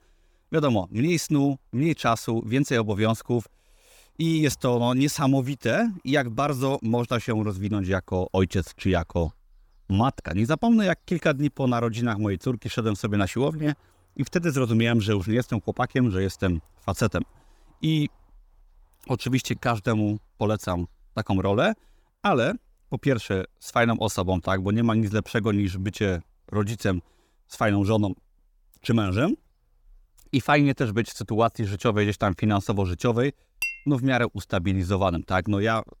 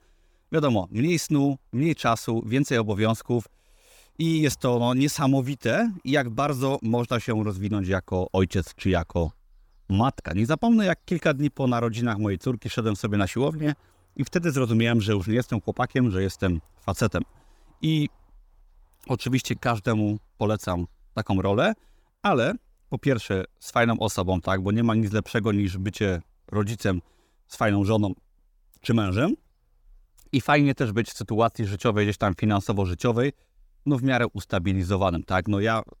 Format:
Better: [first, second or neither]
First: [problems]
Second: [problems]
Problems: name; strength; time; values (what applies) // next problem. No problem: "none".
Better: second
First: clattering dishes; noticeable; at 34 s; peak 5 dB below the speech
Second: none